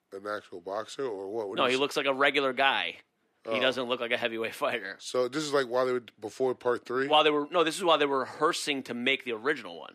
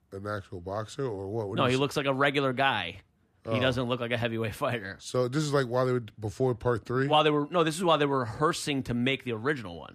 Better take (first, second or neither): second